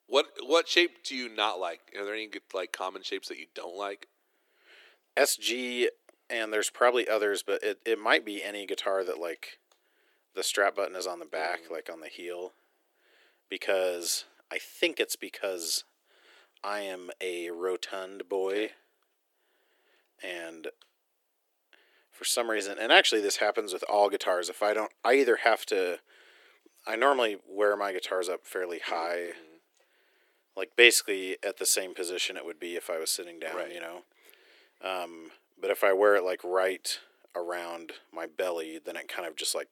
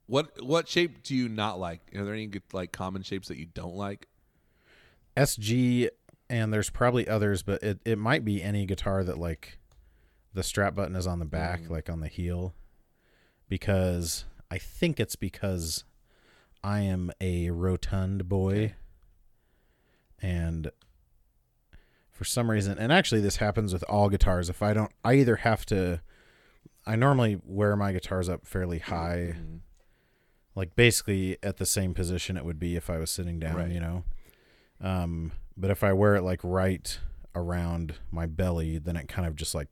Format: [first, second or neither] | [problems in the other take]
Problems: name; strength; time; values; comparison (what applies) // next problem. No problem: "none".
second | thin; very; fading below 350 Hz